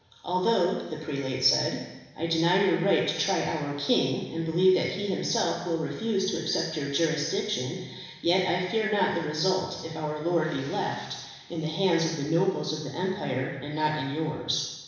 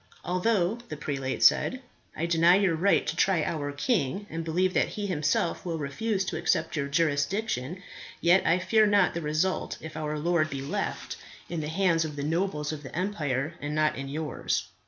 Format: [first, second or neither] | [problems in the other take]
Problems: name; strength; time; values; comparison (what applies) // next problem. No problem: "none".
second | room echo; dies away in 1 s